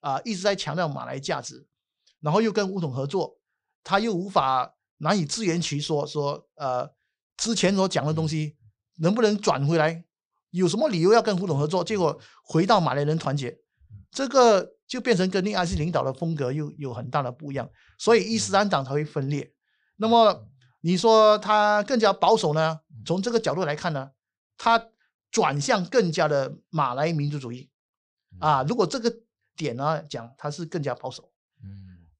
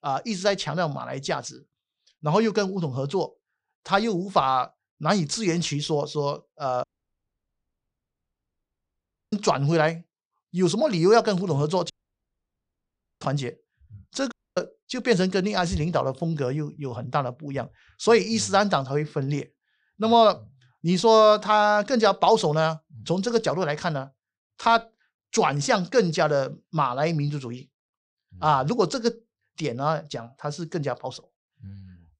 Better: first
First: none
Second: audio cutting out; at 7 s for 2.5 s, at 12 s for 1.5 s and at 14 s

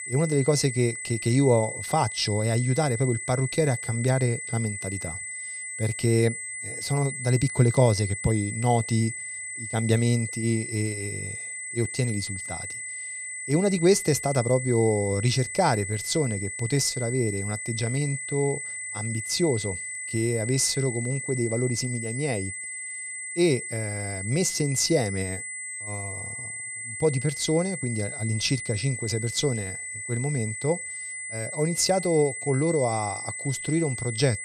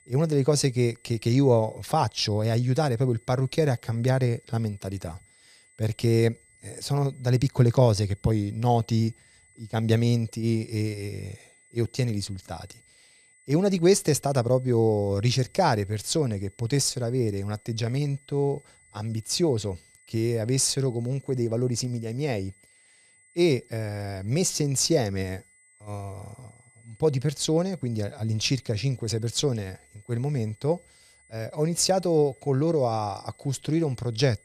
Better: second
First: high-pitched whine; loud; throughout; 2 kHz, 6 dB below the speech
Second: high-pitched whine; faint; throughout; 2 kHz, 30 dB below the speech

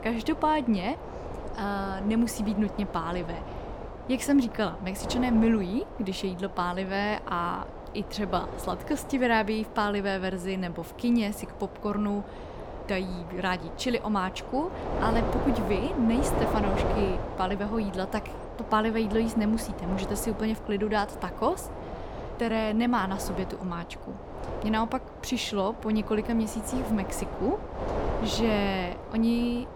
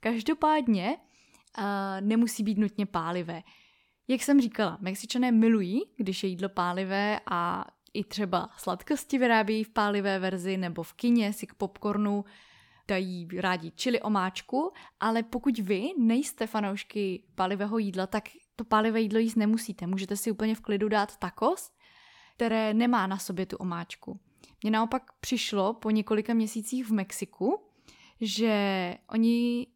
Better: second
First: wind noise on the microphone; heavy; 7 dB below the speech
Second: none

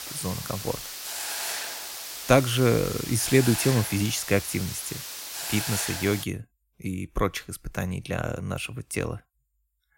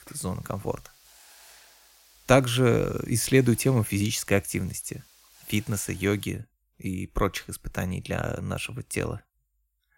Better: second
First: hiss; loud; until 6 s; 6 dB below the speech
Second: hiss; faint; until 6 s; 25 dB below the speech

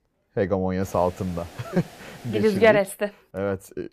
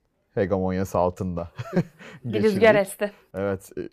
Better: second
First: hiss; faint; from 1 to 2.5 s; 20 dB below the speech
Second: none

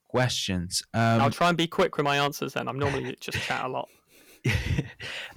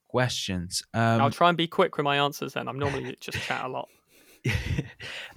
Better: second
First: distortion; slight; 3% of the sound clipped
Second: none

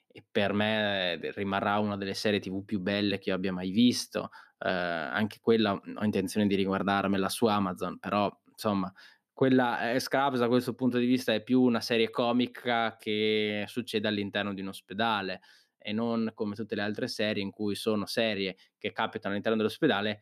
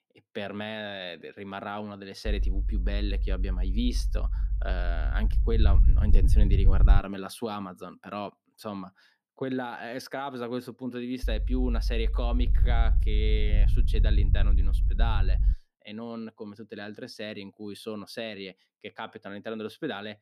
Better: first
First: none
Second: low rumble; noticeable; from 2.5 to 7 s and from 11 to 16 s; 10 dB below the speech

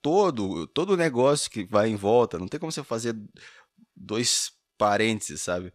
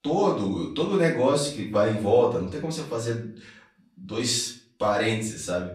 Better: first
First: none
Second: off-mic speech; far // room echo; slight; dies away in 0.4 s

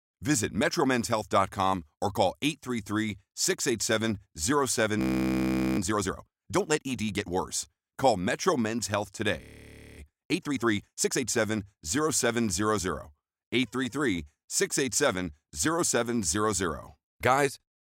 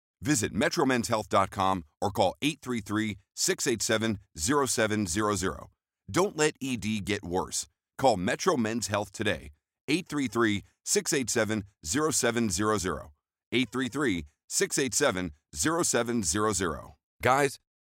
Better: second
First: audio freezing; at 5 s for 1 s and at 9.5 s for 0.5 s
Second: none

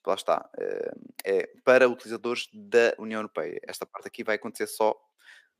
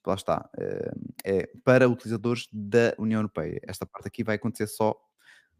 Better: second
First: thin; somewhat; fading below 450 Hz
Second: none

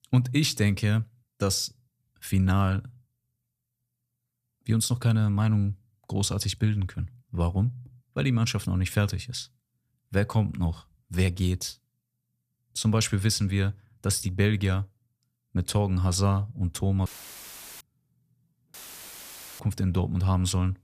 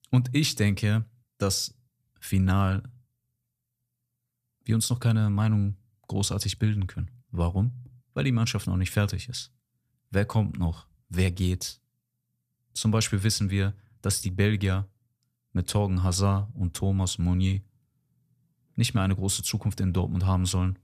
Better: second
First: audio cutting out; filled with static; at 17 s for 1 s and at 19 s for 1 s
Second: none

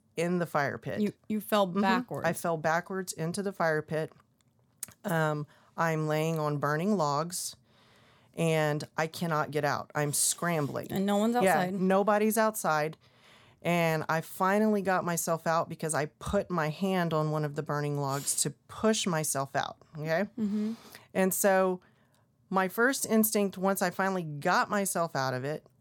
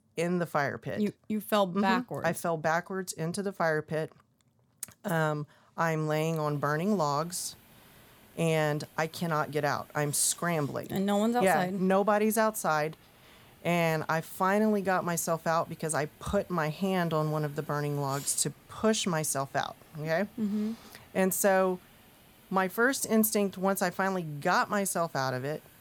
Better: first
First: none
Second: hiss; faint; from 6.5 s on; 25 dB below the speech

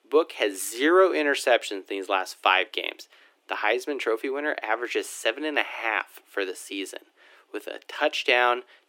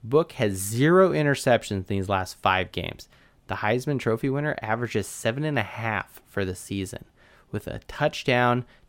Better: second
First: thin; somewhat; fading below 300 Hz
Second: none

